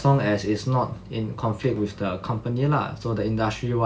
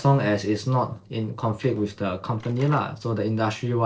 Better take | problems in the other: first | noise reduction (neural separator model SepFormer DNS4)

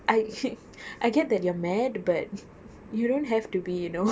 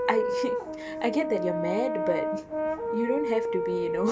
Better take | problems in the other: first | background sound (Brass instrument); 1 dB above the speech

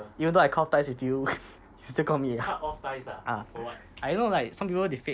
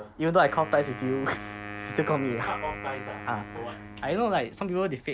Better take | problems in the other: first | background sound (Wind instrument, woodwind instrument); 12 dB below the speech

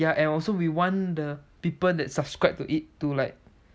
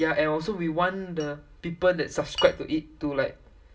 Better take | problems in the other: first | background sound (Glass); 18 dB below the speech // room echo; dies away in 0.2 s

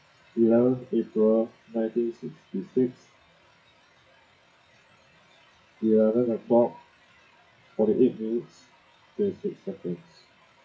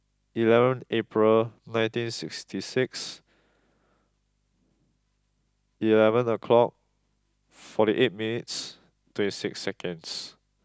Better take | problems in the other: second | noise reduction (classical method WPE with log-MMSE)

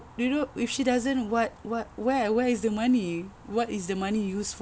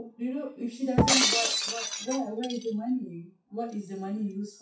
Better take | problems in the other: first | noise reduction (classical method WPE with log-MMSE)

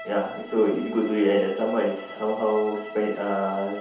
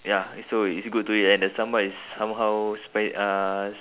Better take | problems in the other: second | background sound (Bowed string instrument); 16 dB below the speech // room echo; dies away in 0.8 s

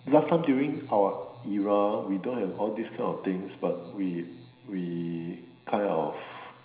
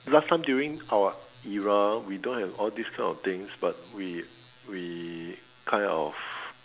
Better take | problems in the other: second | room echo; dies away in 0.9 s

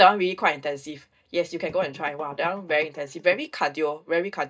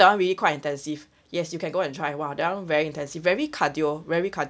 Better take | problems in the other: second | noise reduction (neural mask model DeepFilterNet 3)

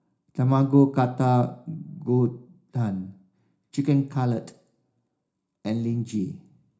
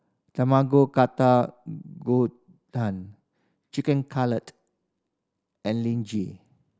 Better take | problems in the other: second | room echo; dies away in 0.4 s

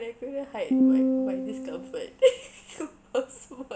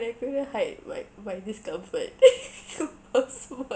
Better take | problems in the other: second | background sound (Piano); 5 dB above the speech

